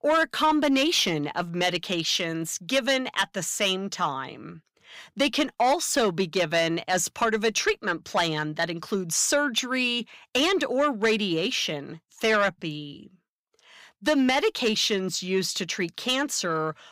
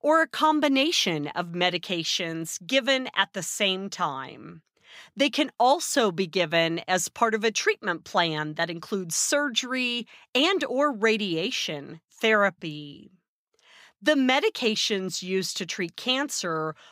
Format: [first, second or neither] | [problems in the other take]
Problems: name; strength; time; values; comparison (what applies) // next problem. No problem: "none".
second | distortion; slight; 10 dB below the speech